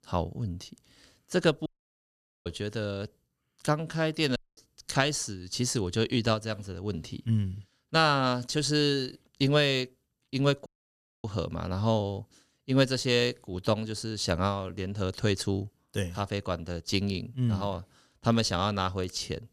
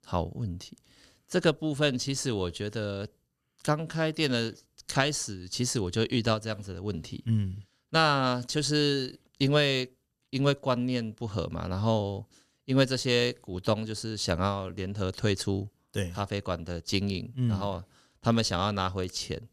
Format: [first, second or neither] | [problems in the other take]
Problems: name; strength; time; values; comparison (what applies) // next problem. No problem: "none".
second | audio cutting out; at 1.5 s for 1 s, at 4.5 s and at 11 s for 0.5 s